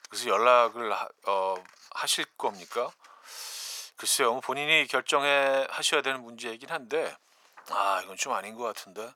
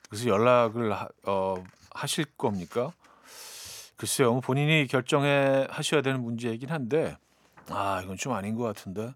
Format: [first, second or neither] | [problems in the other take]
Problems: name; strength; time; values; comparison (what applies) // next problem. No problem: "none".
second | thin; very; fading below 650 Hz